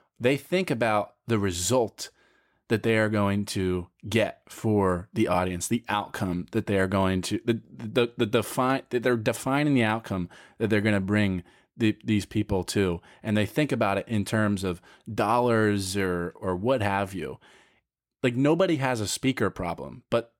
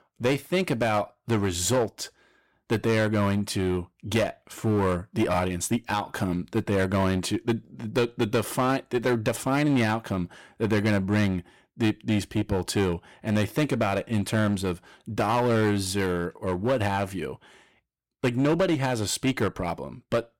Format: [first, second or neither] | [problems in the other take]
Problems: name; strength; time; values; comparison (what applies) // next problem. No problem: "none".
first | distortion; slight; 7% of the sound clipped